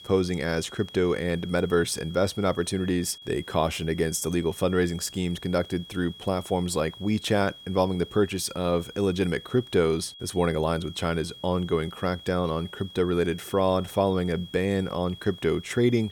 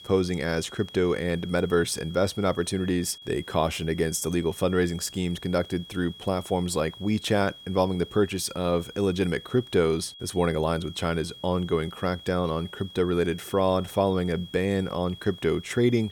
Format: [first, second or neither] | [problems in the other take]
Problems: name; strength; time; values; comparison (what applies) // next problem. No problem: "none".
neither | high-pitched whine; noticeable; throughout; 3.5 kHz, 15 dB below the speech; the same in both